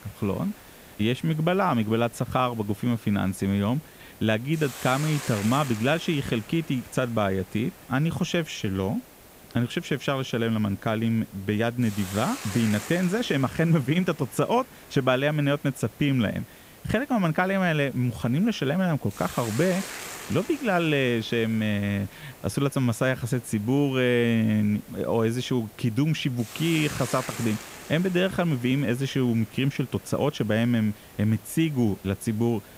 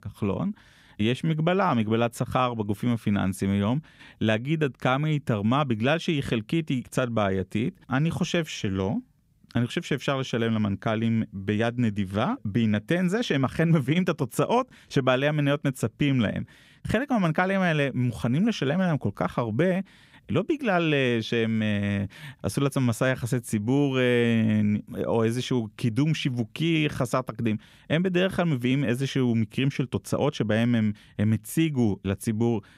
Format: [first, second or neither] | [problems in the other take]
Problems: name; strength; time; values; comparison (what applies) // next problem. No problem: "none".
second | hiss; noticeable; throughout; 15 dB below the speech